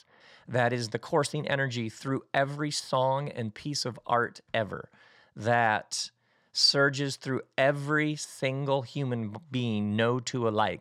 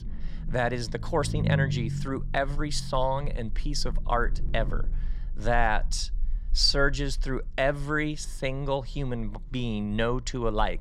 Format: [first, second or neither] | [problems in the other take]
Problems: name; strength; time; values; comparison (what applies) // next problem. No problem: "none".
first | low rumble; noticeable; throughout; 15 dB below the speech